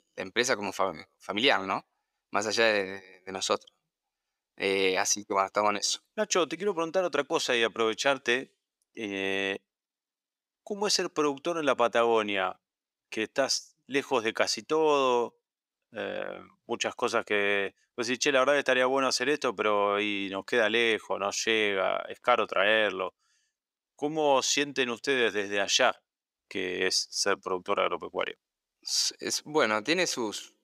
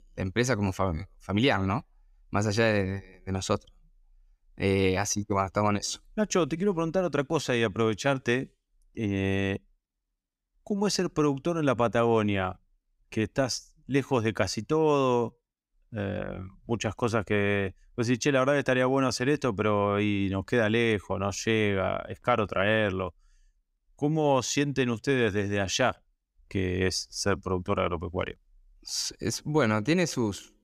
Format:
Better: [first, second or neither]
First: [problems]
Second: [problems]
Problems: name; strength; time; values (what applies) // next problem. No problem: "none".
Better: second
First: thin; somewhat; fading below 400 Hz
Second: none